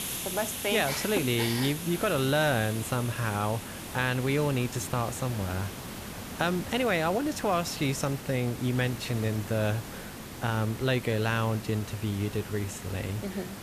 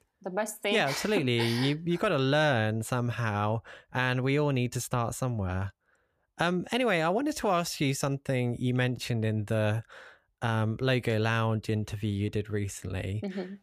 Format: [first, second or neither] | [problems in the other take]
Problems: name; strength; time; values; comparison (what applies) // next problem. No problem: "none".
second | hiss; loud; throughout; 9 dB below the speech